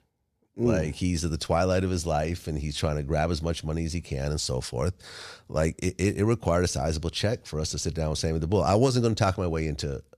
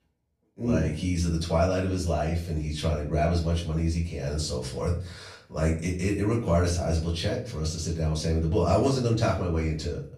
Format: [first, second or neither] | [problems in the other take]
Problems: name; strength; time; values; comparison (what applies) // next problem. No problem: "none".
first | off-mic speech; far // room echo; slight; dies away in 0.4 s